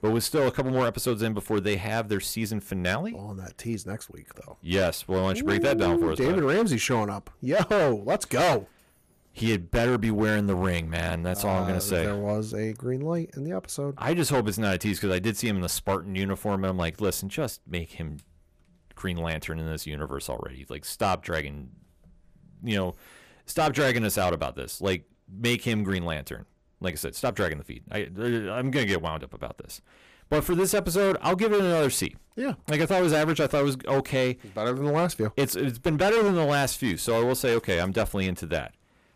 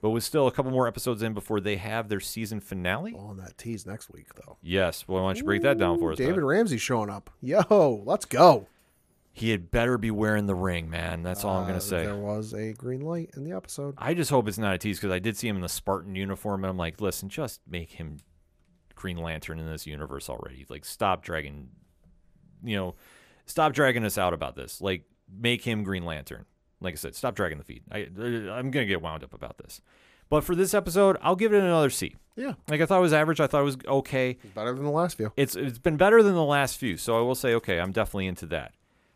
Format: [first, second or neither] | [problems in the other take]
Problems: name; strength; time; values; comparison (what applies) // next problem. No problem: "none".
second | distortion; heavy; 8% of the sound clipped